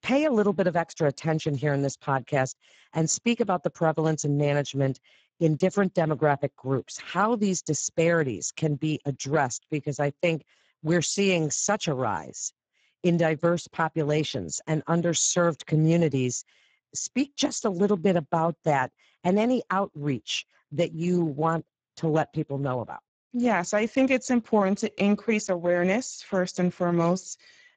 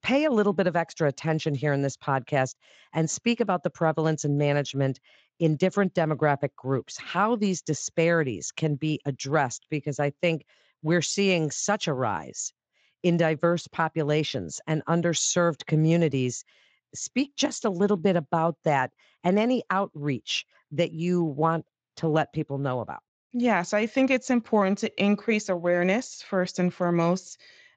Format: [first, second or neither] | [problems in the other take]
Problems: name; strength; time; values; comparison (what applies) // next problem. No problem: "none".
second | garbled, watery; badly; nothing above 7.5 kHz; slightly in the second